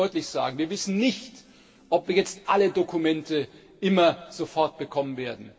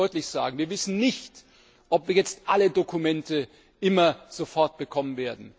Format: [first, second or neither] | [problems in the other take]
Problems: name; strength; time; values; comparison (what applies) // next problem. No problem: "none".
second | room echo; dies away in 2.7 s